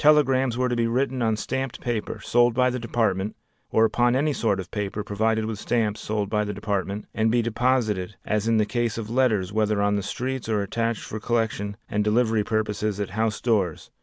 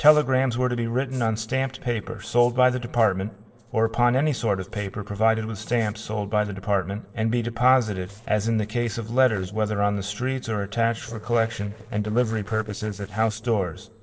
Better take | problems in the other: first | noise reduction (neural separator model SepFormer DNS4)

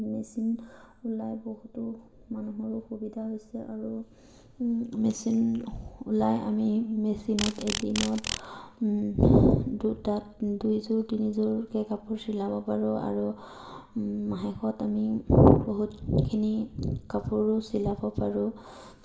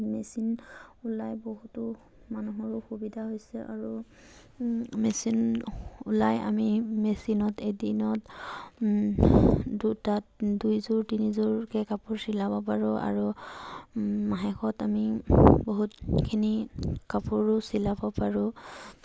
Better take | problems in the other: second | background sound (Insect); 9 dB below the speech // room echo; dies away in 1.3 s

